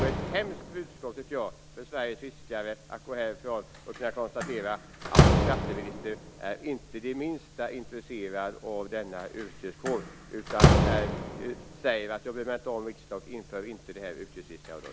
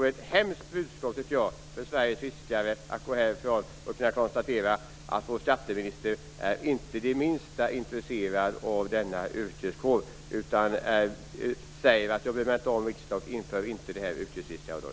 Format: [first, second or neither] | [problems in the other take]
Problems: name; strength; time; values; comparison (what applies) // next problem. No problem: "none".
second | background sound (Slam); 4 dB above the speech